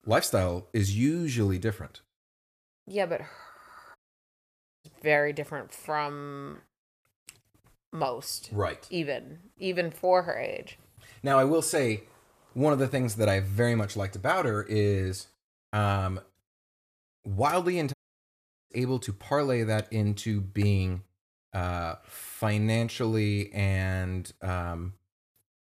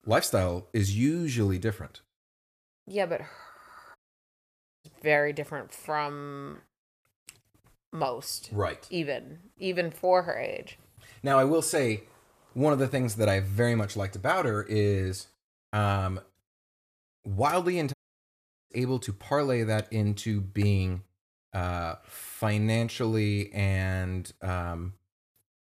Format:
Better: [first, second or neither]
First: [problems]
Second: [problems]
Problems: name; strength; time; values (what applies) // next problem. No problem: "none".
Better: neither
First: audio cutting out; at 4 s for 1 s and at 18 s for 1 s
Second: audio cutting out; at 4 s for 1 s and at 18 s for 1 s